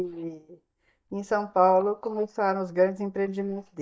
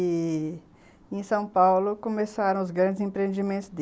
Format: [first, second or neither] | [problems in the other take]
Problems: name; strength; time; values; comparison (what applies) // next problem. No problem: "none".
second | noise reduction (neural mask model DeepFilterNet 3)